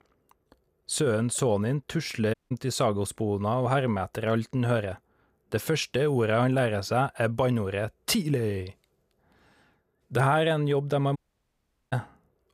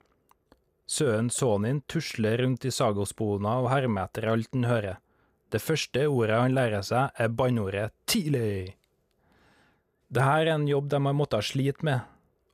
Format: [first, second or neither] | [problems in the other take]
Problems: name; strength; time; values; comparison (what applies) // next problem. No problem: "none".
second | audio cutting out; at 2.5 s and at 11 s for 1 s